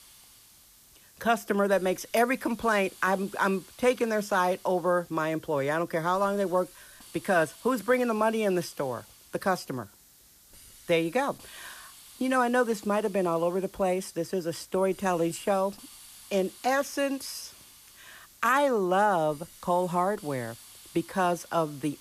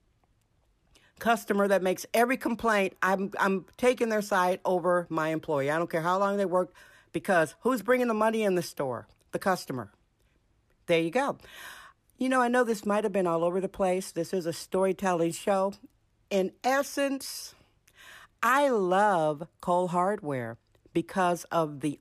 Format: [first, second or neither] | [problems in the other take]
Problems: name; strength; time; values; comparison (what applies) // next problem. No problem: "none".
second | hiss; faint; throughout; 20 dB below the speech